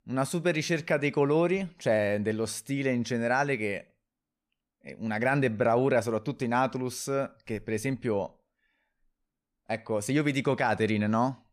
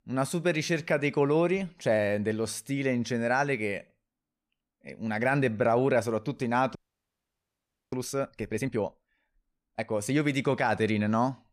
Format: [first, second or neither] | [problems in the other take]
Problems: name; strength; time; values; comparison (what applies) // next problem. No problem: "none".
first | audio freezing; at 7 s for 1 s